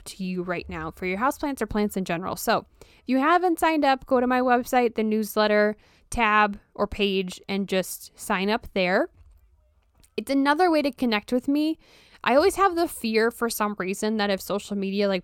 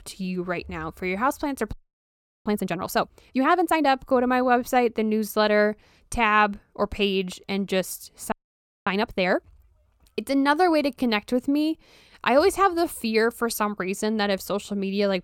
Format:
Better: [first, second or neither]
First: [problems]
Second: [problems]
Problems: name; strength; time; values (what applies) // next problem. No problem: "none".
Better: first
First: none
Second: audio freezing; at 1.5 s for 0.5 s and at 8.5 s for 0.5 s